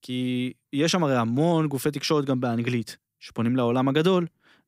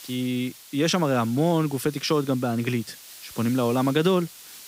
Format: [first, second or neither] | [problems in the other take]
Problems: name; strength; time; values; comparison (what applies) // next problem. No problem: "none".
first | hiss; noticeable; throughout; 20 dB below the speech